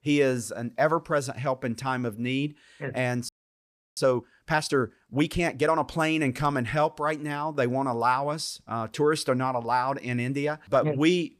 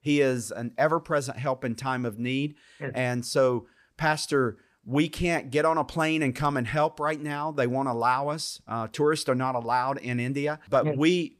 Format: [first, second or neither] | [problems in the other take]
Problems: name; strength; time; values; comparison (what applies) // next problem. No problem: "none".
second | audio freezing; at 3.5 s for 0.5 s